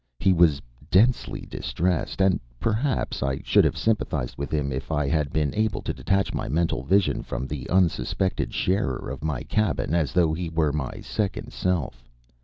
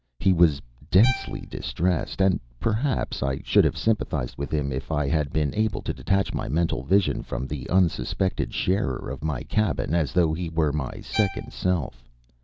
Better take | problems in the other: first | background sound (Bowed string instrument); 13 dB below the speech

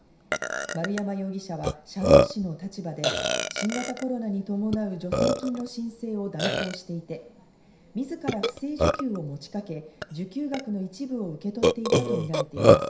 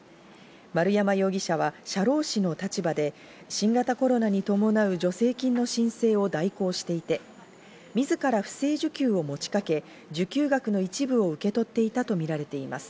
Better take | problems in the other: second | background sound (Burping, eructation); 5 dB above the speech // room echo; dies away in 0.5 s

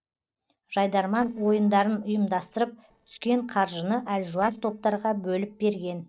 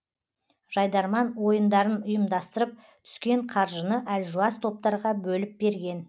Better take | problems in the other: second | noise reduction (neural separator model SepFormer DNS4)

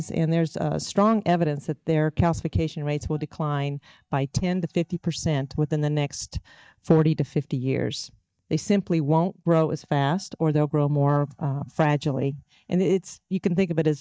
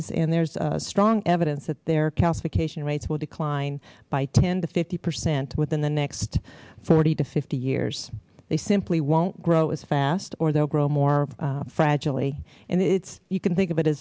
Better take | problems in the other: second | noise reduction (neural mask model DeepFilterNet 3)

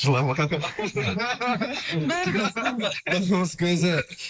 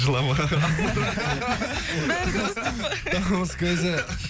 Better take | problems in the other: second | noise reduction (neural mask model Resemble Enhance denoiser)

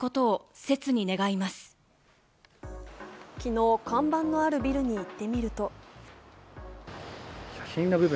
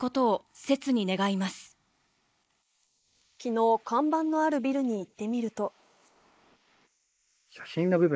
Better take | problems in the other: first | noise reduction (neural mask model Resemble Enhance denoiser)

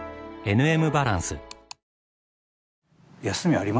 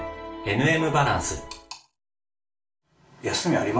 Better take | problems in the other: first | room echo; dies away in 0.3 s

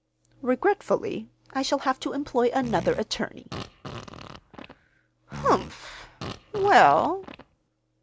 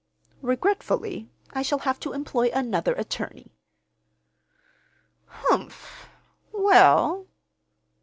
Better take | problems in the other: second | background sound (Fart); 14 dB below the speech

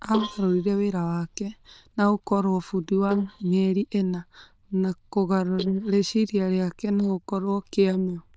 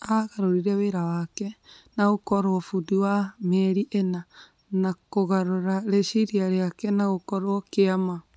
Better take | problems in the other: second | noise reduction (neural diffusion model UNIVERSE++)

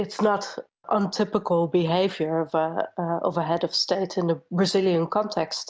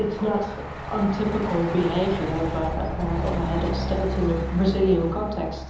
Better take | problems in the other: first | background sound (Truck); 5 dB below the speech // room echo; dies away in 0.9 s

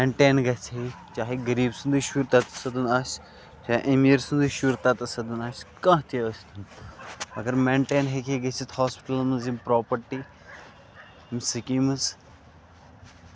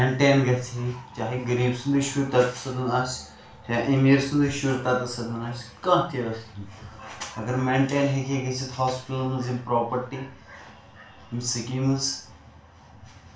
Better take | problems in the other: first | room echo; dies away in 0.3 s

